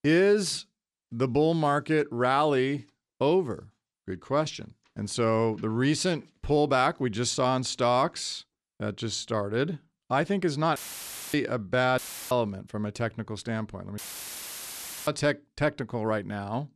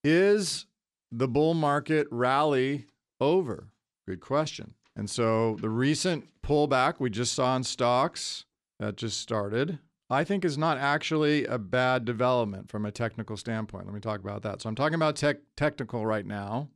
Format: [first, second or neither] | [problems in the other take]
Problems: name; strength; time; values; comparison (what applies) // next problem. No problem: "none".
second | audio cutting out; filled with static; at 11 s for 0.5 s, at 12 s and at 14 s for 1 s